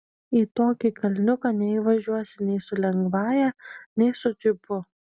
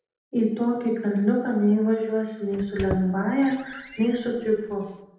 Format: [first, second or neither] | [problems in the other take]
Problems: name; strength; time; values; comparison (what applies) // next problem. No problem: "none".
first | background sound (Squeak); 14 dB below the speech // room echo; dies away in 0.8 s